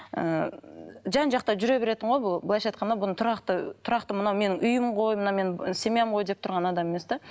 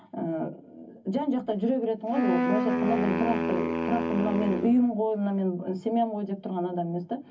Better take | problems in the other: first | background sound (Wind instrument, woodwind instrument); 1 dB below the speech // room echo; dies away in 0.3 s

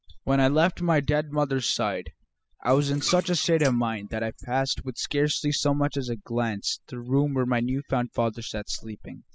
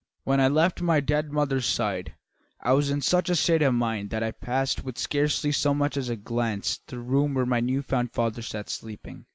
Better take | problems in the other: second | noise reduction (classical method spectral subtraction)

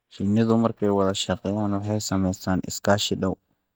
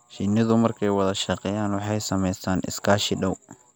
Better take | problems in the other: second | noise reduction (neural mask model DeepFilterNet 3)

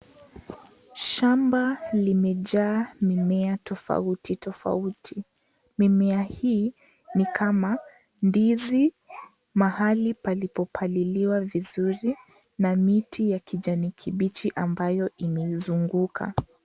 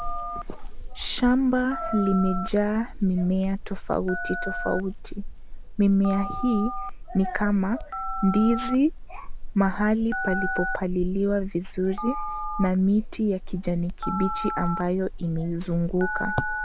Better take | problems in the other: first | background sound (Telephone); 6 dB below the speech

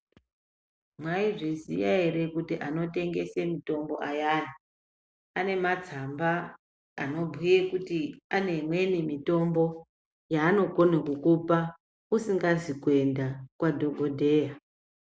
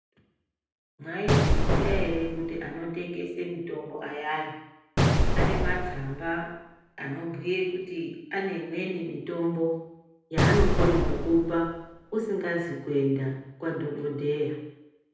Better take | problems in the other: first | background sound (Explosion); 3 dB above the speech // room echo; dies away in 0.9 s

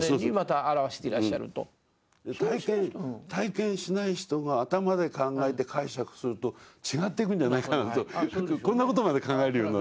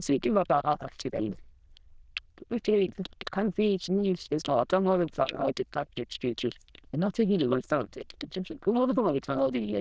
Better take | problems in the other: first | noise reduction (neural diffusion model UNIVERSE++)

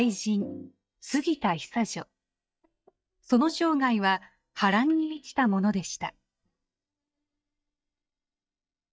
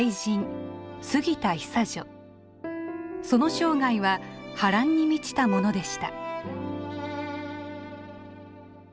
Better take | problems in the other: second | noise reduction (neural mask model DeepFilterNet 3)

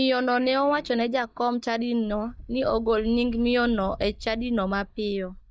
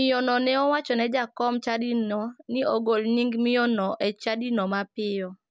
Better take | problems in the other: second | noise reduction (neural mask model DeepFilterNet 3)

